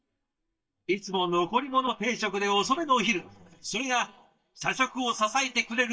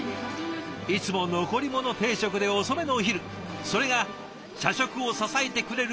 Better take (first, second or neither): second